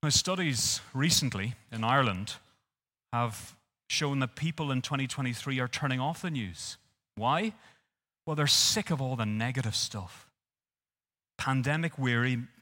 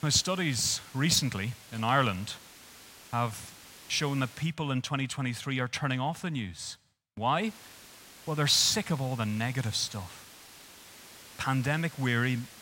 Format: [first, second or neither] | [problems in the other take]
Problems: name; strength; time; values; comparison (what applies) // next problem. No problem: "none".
first | hiss; noticeable; until 4.5 s and from 7.5 s on; 20 dB below the speech